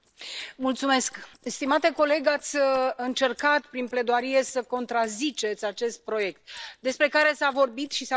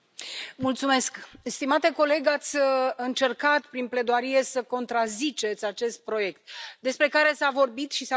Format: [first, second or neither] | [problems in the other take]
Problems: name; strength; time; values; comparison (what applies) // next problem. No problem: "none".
second | noise reduction (neural separator model SepFormer DNS4)